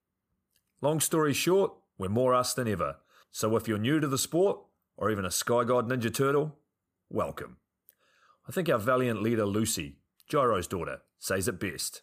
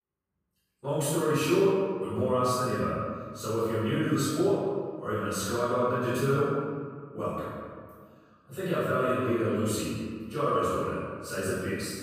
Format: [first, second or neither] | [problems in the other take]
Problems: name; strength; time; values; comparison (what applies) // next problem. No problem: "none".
first | off-mic speech; far // room echo; strong; dies away in 1.7 s